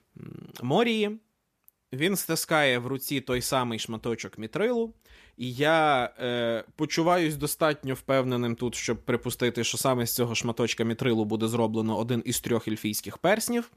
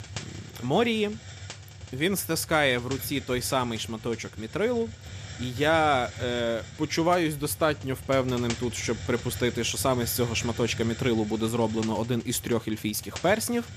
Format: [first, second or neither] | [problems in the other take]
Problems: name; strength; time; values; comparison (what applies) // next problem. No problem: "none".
first | hiss; noticeable; throughout; 15 dB below the speech